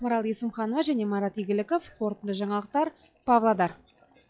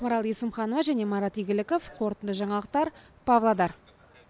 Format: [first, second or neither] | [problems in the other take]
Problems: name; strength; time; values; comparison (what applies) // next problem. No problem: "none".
second | noise reduction (classical method log-MMSE)